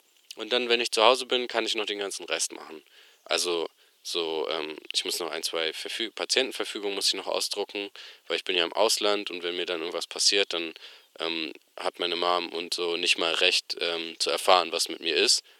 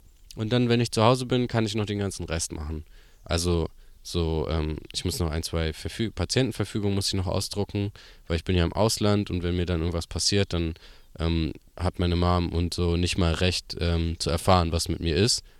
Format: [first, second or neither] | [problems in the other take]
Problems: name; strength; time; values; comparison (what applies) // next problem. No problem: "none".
second | thin; very; fading below 400 Hz